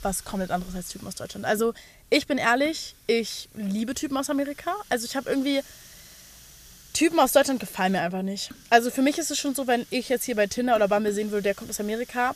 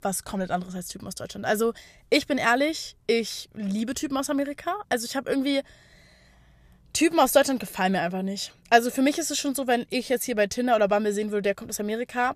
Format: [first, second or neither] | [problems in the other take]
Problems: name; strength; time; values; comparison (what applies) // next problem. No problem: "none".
second | hiss; faint; throughout; 20 dB below the speech